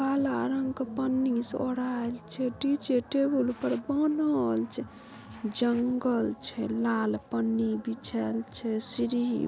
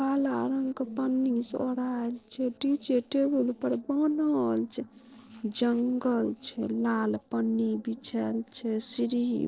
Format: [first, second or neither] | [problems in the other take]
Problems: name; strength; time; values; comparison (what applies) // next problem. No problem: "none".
first | noise reduction (neural separator model SepFormer DNS4)